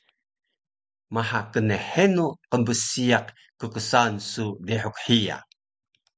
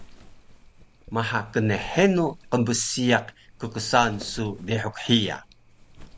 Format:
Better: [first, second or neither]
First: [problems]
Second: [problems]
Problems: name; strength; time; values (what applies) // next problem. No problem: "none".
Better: first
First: none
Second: background sound (Wind); 20 dB below the speech